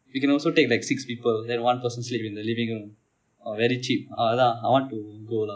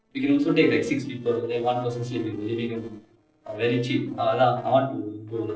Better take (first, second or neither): first